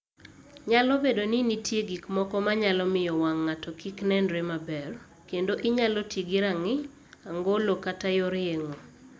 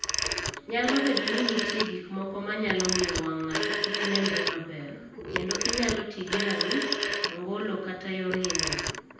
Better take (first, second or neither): first